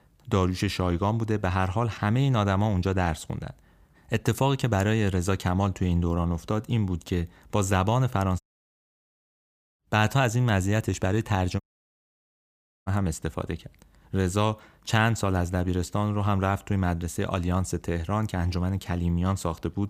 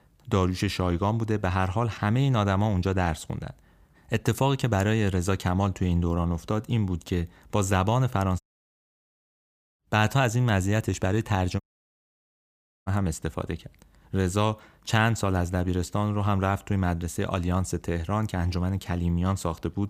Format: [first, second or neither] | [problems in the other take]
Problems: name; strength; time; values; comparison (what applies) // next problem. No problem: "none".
neither | audio cutting out; at 8.5 s for 1 s and at 12 s for 1.5 s; the same in both